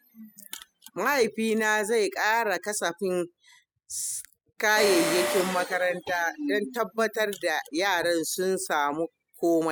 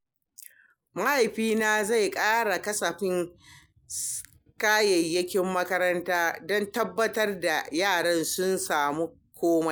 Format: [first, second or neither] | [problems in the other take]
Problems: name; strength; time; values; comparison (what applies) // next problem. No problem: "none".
second | noise reduction (classical method spectral subtraction)